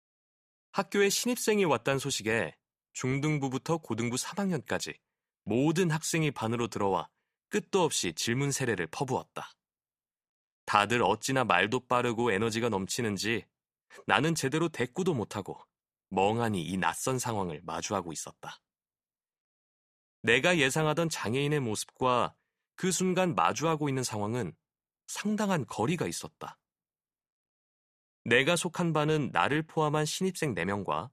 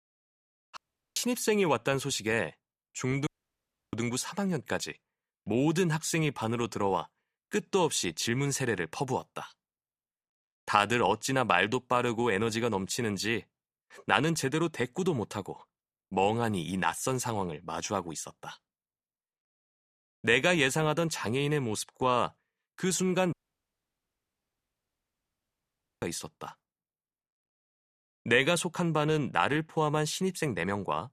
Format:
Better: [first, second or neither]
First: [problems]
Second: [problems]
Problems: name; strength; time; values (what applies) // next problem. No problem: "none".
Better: first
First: none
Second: audio cutting out; at 1 s, at 3.5 s for 0.5 s and at 23 s for 2.5 s